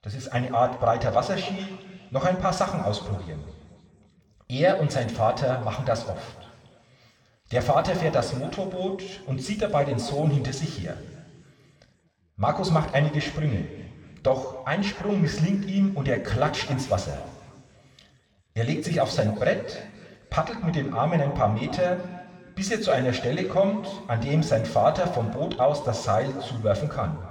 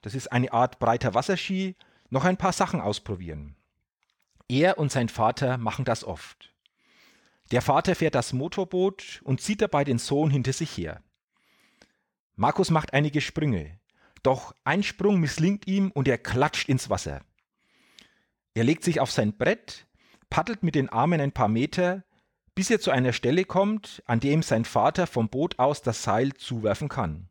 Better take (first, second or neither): second